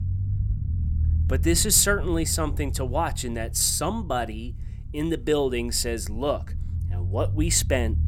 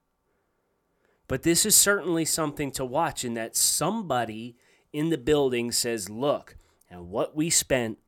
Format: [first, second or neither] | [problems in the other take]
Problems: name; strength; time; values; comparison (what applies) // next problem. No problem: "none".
second | low rumble; faint; throughout; 20 dB below the speech